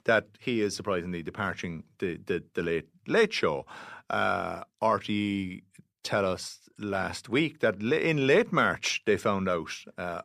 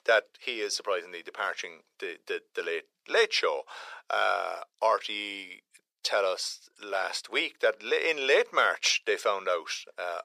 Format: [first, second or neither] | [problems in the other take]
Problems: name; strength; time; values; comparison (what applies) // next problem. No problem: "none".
first | thin; very; fading below 500 Hz